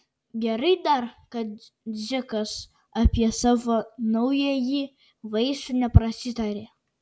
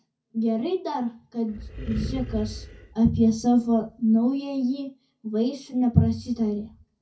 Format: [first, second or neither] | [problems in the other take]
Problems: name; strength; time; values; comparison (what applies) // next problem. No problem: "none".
first | background sound (Animal); 9 dB below the speech // room echo; dies away in 0.3 s